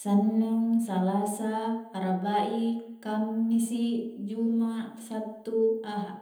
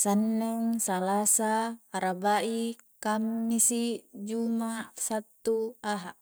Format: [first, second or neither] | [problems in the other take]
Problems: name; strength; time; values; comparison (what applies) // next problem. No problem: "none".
second | room echo; dies away in 0.8 s